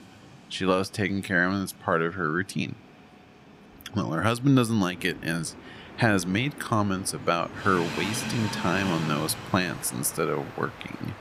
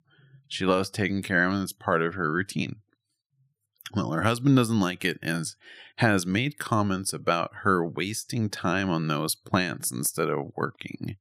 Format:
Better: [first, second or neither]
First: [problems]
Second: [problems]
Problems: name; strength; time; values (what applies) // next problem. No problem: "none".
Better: second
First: train or aircraft noise; noticeable; throughout; 10 dB below the speech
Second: none